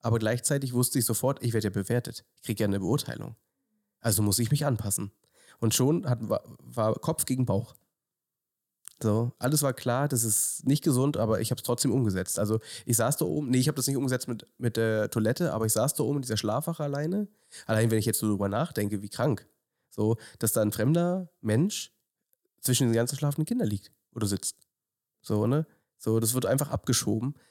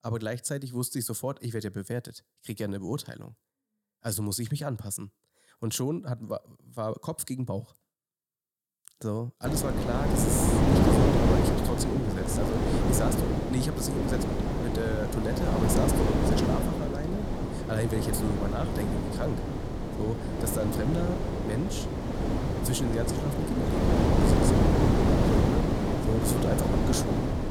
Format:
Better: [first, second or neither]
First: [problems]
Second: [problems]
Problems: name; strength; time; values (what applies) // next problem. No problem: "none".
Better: first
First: none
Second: wind noise on the microphone; heavy; from 9.5 s on; 4 dB above the speech